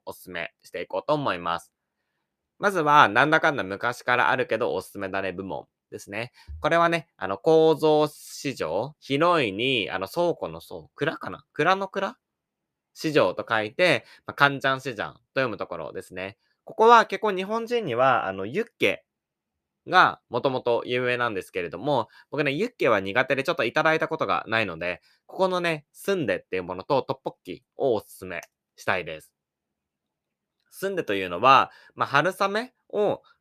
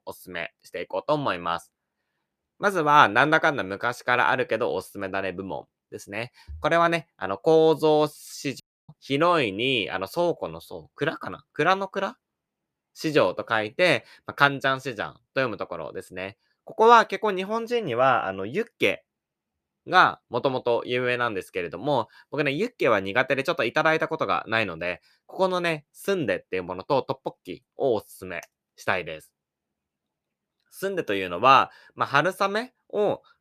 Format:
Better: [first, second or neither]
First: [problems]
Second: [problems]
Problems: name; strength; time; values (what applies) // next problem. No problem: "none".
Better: first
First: none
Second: audio cutting out; at 8.5 s